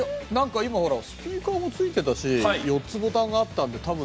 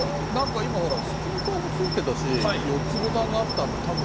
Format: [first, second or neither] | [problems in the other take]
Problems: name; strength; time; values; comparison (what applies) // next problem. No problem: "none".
first | background sound (Cricket); as loud as the speech